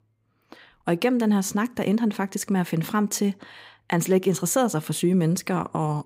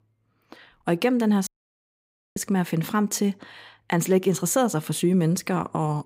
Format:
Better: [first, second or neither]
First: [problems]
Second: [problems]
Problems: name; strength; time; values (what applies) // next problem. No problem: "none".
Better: first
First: none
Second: audio cutting out; at 1.5 s for 1 s